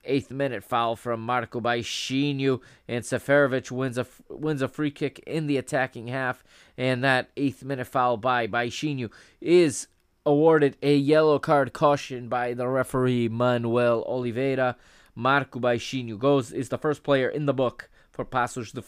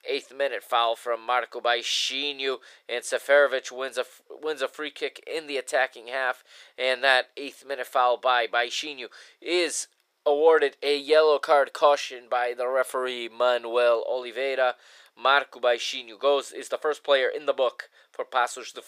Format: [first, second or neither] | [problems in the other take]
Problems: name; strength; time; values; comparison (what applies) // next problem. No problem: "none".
first | thin; very; fading below 500 Hz